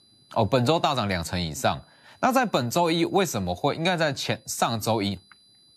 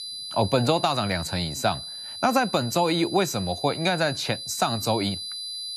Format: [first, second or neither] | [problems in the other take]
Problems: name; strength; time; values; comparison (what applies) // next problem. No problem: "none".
first | high-pitched whine; loud; throughout; 4 kHz, 8 dB below the speech; faint in the first